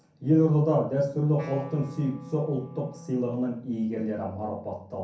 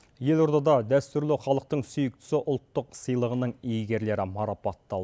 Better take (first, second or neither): second